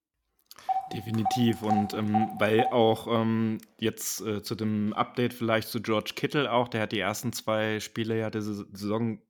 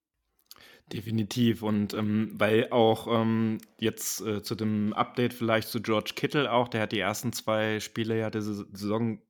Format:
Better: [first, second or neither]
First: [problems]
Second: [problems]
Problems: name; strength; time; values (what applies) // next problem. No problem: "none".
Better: second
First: phone ringing; noticeable; from 0.5 to 3 s; peak 3 dB below the speech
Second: none